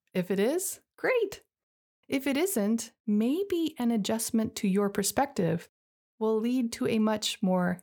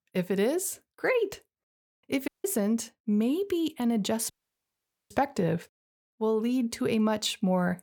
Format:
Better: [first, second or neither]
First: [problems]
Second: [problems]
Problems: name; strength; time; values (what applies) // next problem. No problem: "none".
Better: first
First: none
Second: audio cutting out; at 2.5 s and at 4.5 s for 1 s